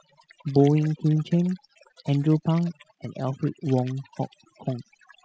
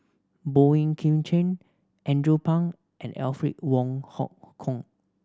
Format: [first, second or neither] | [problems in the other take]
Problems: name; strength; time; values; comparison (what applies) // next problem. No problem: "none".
second | noise reduction (classical method spectral subtraction)